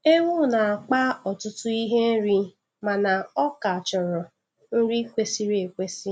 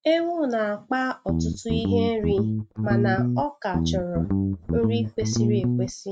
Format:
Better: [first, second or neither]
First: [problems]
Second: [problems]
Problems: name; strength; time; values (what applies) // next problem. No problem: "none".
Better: first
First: none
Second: noise reduction (neural mask model RNNoise)